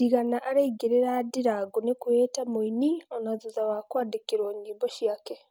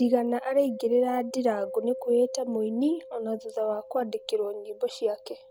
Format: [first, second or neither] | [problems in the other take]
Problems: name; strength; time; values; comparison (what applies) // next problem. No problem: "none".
first | background sound (Mallet percussion); 15 dB below the speech